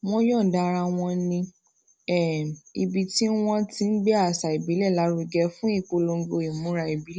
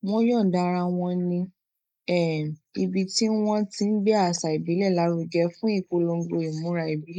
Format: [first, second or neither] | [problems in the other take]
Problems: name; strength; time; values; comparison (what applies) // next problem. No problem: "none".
first | noise reduction (neural mask model Resemble Enhance denoiser)